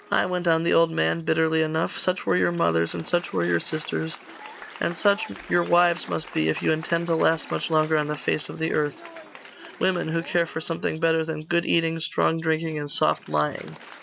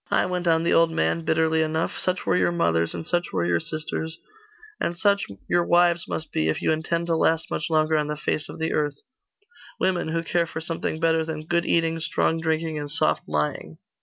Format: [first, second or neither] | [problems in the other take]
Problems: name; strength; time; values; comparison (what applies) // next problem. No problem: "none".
second | background sound (Applause); 19 dB below the speech